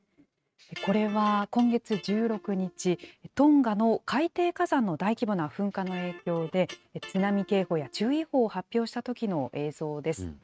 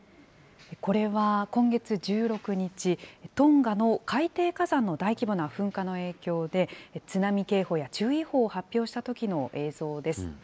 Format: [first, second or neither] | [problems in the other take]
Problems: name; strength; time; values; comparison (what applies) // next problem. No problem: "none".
second | noise reduction (neural mask model RNNoise)